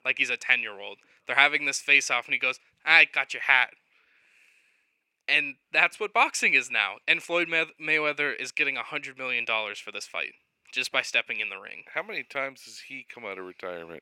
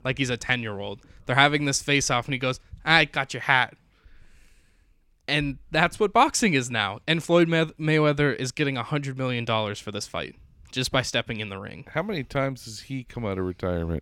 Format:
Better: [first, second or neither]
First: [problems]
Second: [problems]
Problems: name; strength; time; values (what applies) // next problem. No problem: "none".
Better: second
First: thin; very; fading below 450 Hz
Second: none